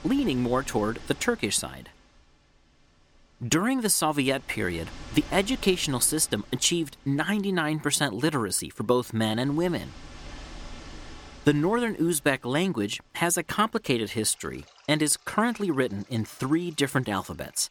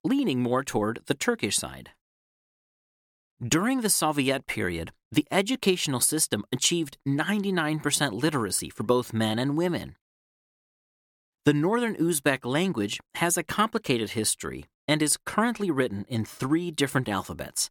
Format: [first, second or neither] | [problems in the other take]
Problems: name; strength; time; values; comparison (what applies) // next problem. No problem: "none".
second | rain or running water; faint; throughout; 20 dB below the speech